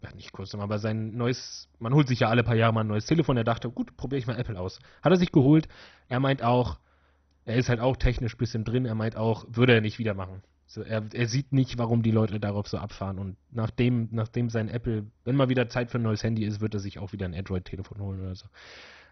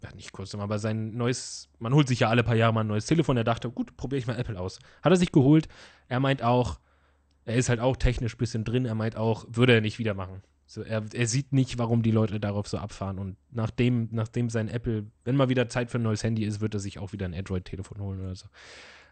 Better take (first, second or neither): second